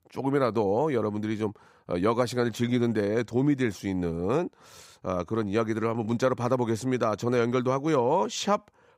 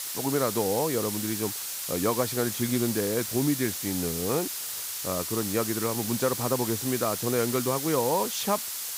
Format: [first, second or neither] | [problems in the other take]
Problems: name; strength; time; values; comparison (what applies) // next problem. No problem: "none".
first | hiss; loud; throughout; 2 dB below the speech